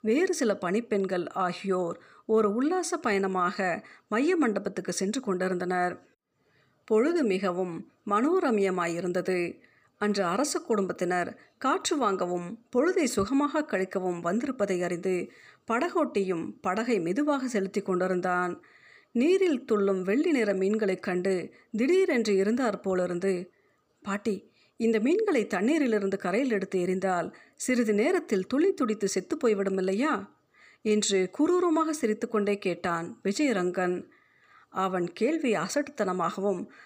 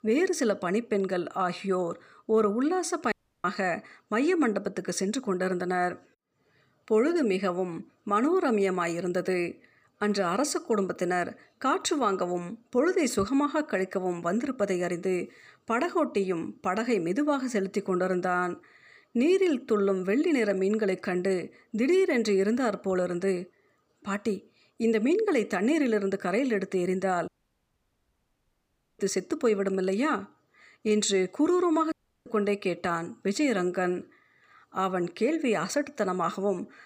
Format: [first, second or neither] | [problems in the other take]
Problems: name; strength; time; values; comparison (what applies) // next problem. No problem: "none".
first | audio cutting out; at 3 s, at 27 s for 1.5 s and at 32 s